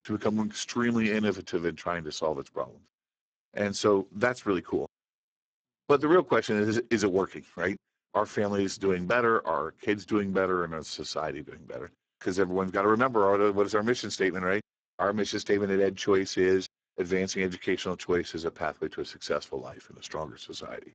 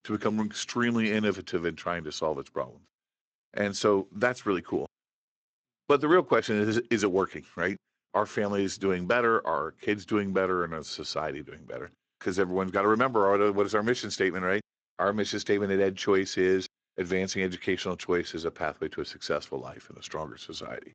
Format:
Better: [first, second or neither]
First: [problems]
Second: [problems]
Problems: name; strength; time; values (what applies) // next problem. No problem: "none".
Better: second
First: garbled, watery; badly; nothing above 7.5 kHz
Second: garbled, watery; slightly; nothing above 7.5 kHz